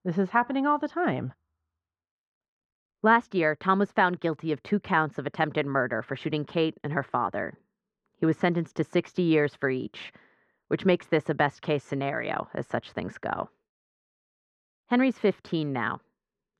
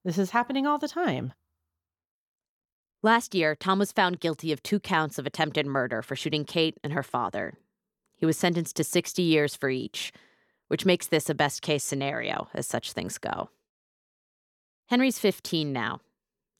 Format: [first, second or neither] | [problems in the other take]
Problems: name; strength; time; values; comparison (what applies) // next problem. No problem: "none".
second | muffled; very; fading above 2 kHz